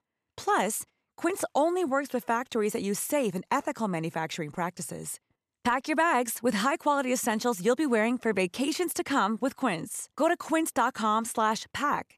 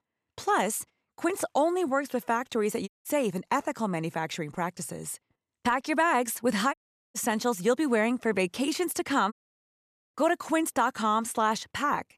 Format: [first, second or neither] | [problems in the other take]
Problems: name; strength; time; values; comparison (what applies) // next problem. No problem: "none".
first | audio cutting out; at 3 s, at 6.5 s and at 9.5 s for 1 s